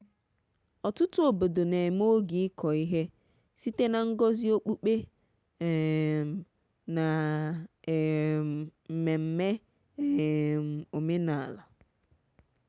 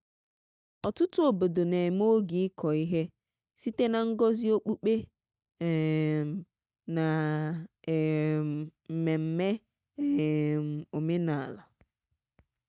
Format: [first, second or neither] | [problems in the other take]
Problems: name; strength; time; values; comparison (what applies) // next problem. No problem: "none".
first | noise reduction (neural mask model DeepFilterNet 3)